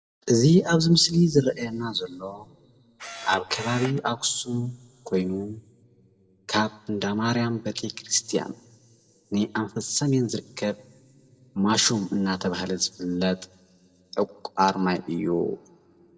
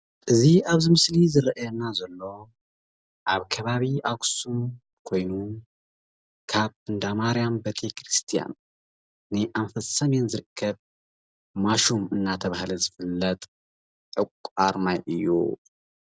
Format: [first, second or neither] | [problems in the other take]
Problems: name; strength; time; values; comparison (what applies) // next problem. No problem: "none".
second | background sound (Camera); 11 dB below the speech // room echo; dies away in 1.9 s